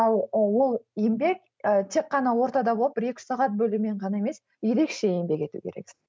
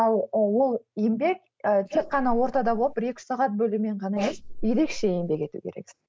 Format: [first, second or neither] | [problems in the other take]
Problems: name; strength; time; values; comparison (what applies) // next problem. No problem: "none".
first | noise reduction (neural mask model Resemble Enhance denoiser)